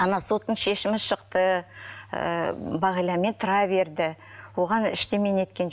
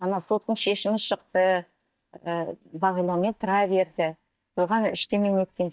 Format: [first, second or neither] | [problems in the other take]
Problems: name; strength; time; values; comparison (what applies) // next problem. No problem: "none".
first | noise reduction (neural mask model DeepFilterNet 3)